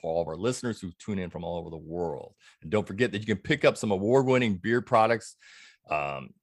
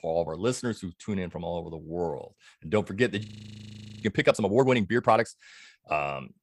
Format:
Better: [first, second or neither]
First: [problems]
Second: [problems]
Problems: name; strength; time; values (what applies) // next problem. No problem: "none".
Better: first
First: none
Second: audio freezing; at 3.5 s for 1 s